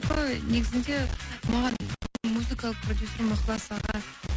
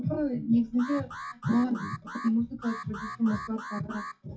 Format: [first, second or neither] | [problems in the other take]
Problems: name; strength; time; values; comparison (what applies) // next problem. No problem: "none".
first | noise reduction (classical method WPE with log-MMSE)